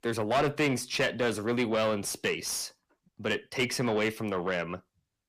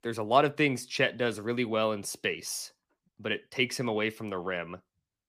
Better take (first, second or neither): second